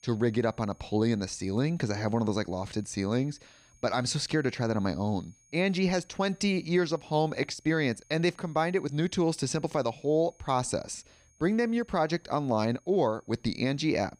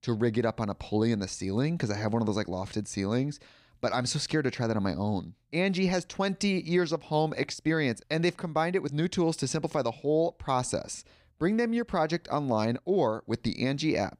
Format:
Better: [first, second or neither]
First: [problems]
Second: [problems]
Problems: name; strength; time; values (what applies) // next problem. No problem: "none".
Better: second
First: high-pitched whine; faint; throughout; 6.5 kHz, 30 dB below the speech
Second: none